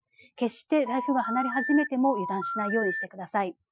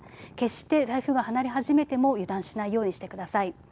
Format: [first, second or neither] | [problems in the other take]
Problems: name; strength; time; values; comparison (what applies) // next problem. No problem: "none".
second | noise reduction (classical method Wiener filter)